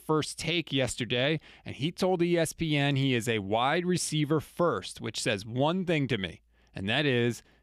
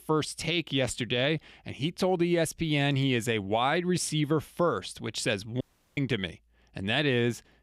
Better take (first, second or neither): first